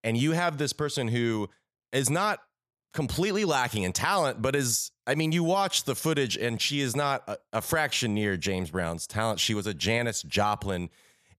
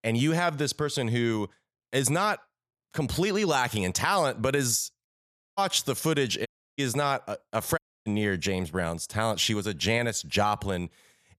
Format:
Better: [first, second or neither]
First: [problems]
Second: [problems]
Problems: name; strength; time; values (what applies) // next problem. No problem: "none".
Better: first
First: none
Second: audio cutting out; at 5 s for 0.5 s, at 6.5 s and at 8 s